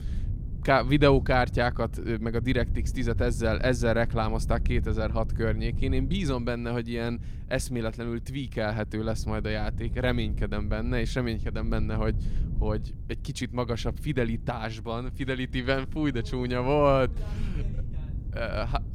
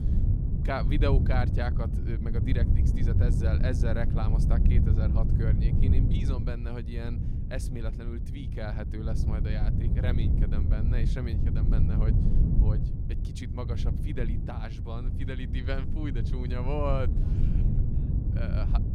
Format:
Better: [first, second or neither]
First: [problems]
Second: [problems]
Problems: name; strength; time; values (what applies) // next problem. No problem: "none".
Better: first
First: wind noise on the microphone; occasional gusts; 20 dB below the speech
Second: wind noise on the microphone; heavy; 3 dB below the speech